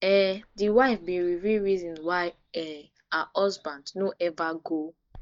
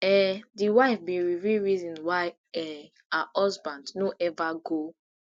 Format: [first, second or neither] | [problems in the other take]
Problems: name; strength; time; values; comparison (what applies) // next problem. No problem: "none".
second | noise reduction (neural mask model DeepFilterNet 3)